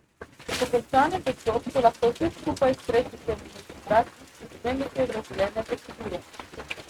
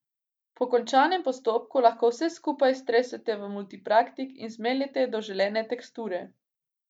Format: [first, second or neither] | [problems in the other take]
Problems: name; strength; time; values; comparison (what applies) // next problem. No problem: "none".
second | noise reduction (neural mask model RNNoise)